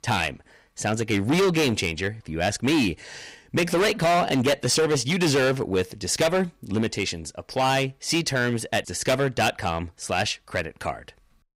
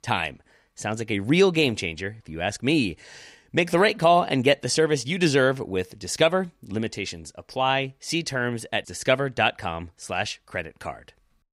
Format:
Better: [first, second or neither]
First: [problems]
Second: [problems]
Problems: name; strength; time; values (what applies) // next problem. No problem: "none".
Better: second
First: distortion; heavy; 11% of the sound clipped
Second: none